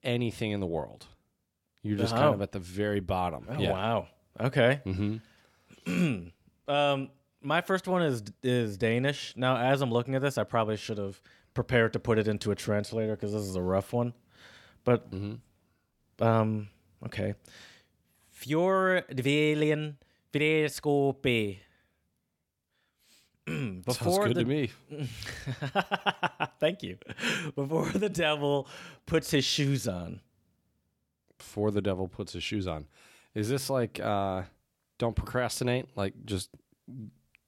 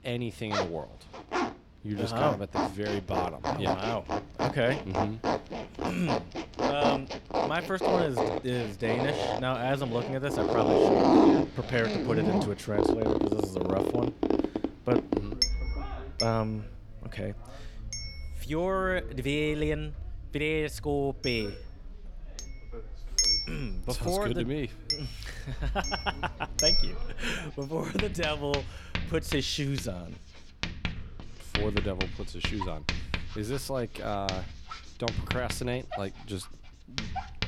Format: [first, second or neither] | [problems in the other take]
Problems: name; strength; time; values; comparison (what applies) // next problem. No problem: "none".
first | household noises; very loud; throughout; 2 dB above the speech